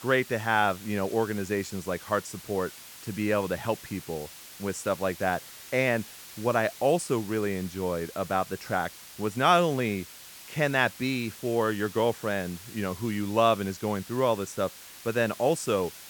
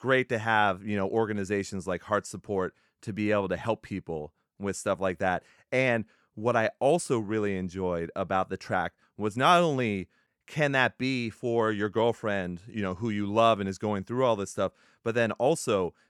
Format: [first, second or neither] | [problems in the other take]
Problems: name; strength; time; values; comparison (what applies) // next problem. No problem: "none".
second | hiss; noticeable; throughout; 15 dB below the speech